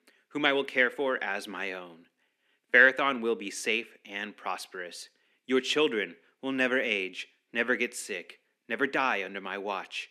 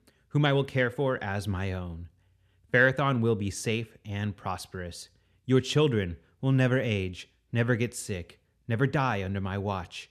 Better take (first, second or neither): second